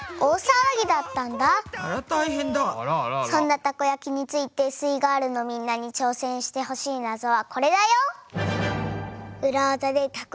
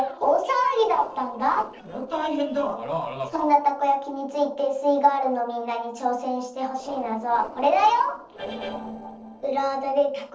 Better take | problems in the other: first | noise reduction (neural separator model SepFormer DNS4)

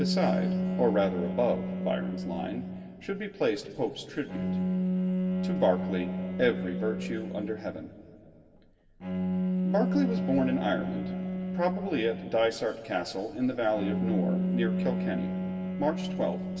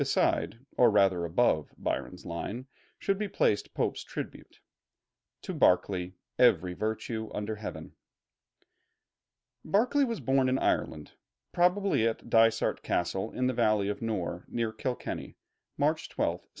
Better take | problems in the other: second | background sound (Bowed string instrument); as loud as the speech // room echo; dies away in 2.5 s

